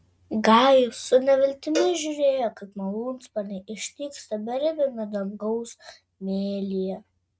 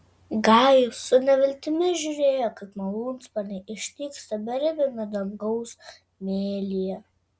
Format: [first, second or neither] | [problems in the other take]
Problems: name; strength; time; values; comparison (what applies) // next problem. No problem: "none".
second | noise reduction (neural mask model RNNoise)